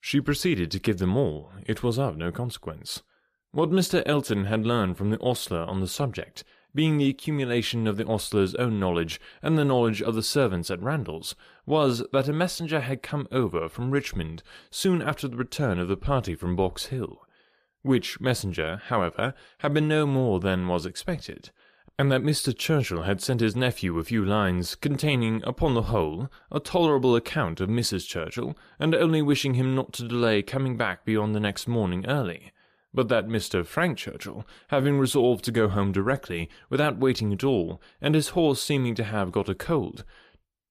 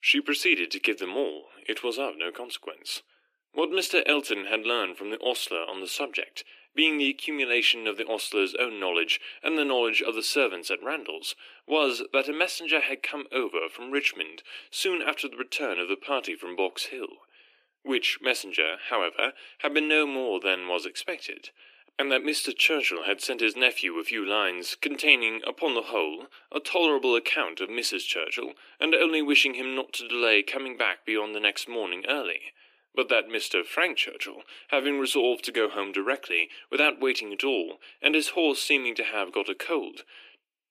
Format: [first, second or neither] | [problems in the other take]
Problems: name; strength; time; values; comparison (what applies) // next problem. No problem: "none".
first | thin; somewhat; fading below 300 Hz